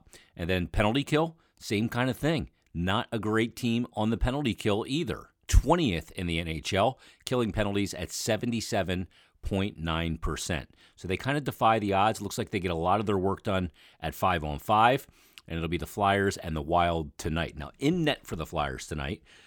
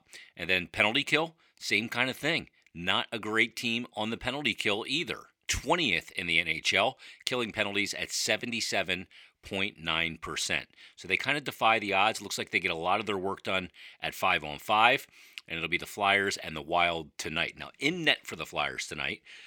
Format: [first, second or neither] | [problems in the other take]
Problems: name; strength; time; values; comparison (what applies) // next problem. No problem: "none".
first | thin; very slightly; fading below 350 Hz